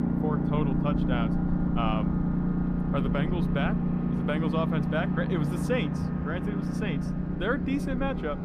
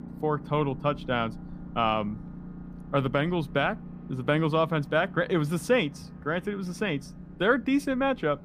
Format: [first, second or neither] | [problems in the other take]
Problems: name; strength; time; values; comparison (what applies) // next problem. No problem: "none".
second | low rumble; loud; throughout; 2 dB below the speech; faint in the second